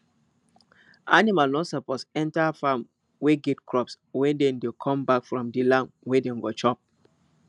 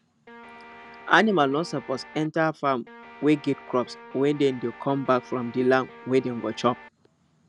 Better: first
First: none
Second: background sound (Guitar); 19 dB below the speech

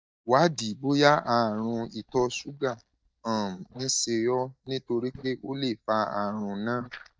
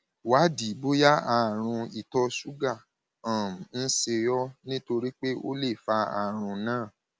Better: second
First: noise reduction (neural mask model DeepFilterNet 3)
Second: none

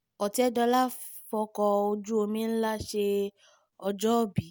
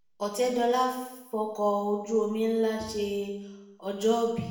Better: first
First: none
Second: room echo; dies away in 0.8 s

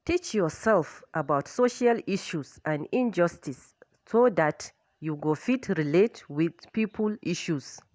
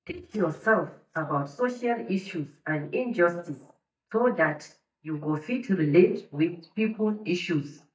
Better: first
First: none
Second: noise reduction (neural mask model DeepFilterNet 3)

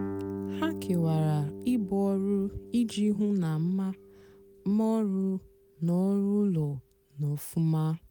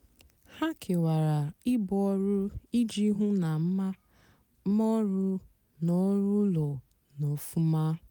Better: second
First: background sound (Guitar); 13 dB below the speech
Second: none

